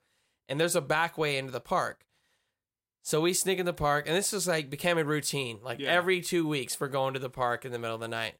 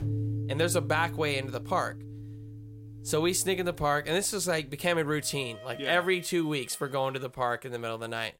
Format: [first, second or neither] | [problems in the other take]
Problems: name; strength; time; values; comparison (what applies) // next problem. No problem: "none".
first | background music; noticeable; throughout; 10 dB below the speech